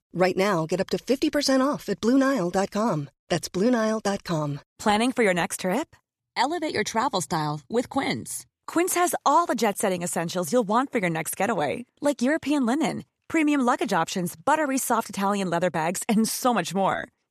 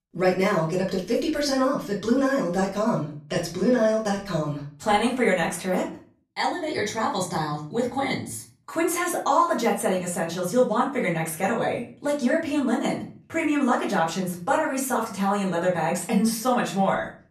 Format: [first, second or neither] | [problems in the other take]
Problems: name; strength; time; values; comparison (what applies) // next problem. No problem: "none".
first | off-mic speech; far // room echo; slight; dies away in 0.4 s